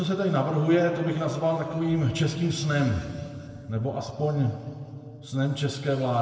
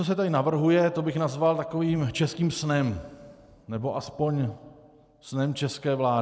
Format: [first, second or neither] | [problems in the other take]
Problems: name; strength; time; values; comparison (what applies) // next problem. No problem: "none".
second | room echo; dies away in 2.3 s